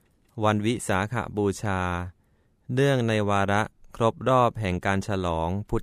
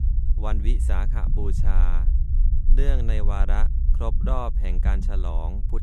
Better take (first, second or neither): first